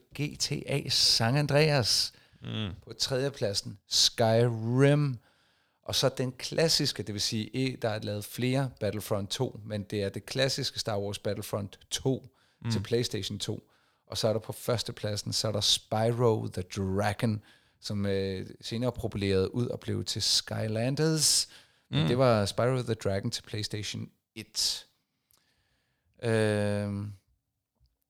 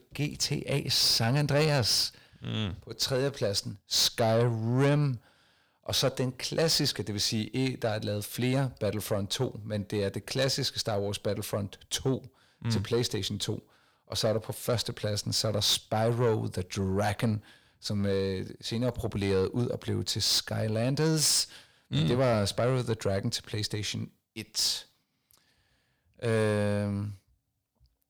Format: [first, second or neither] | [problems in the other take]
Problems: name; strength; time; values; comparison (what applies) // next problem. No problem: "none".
first | distortion; slight; 10 dB below the speech